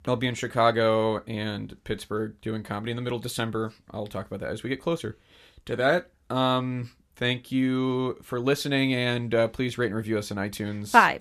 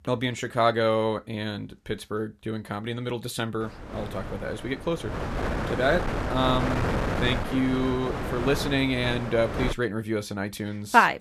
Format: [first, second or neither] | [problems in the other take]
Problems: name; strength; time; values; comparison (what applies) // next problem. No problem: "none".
first | wind noise on the microphone; heavy; from 3.5 to 9.5 s; 5 dB below the speech